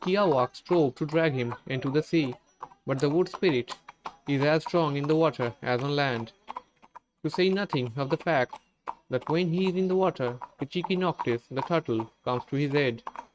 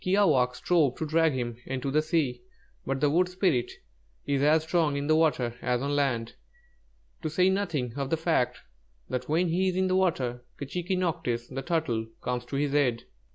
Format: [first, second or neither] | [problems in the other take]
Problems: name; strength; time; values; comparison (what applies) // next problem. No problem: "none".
second | noise reduction (neural mask model RNNoise)